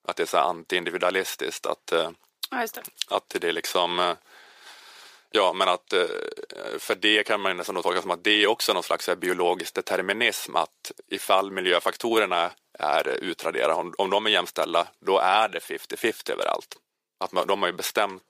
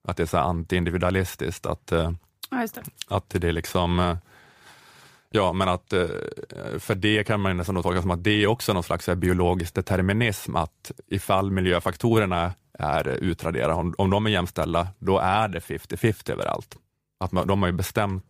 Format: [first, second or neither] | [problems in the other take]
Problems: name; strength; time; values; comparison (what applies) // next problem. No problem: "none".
second | thin; very; fading below 350 Hz